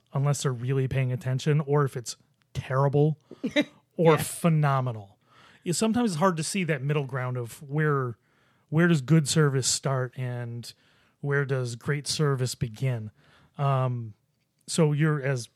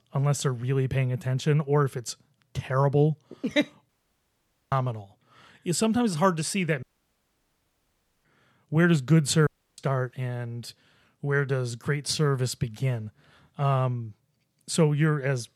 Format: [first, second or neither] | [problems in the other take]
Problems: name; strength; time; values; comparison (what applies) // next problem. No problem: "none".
first | audio cutting out; at 4 s for 1 s, at 7 s for 1.5 s and at 9.5 s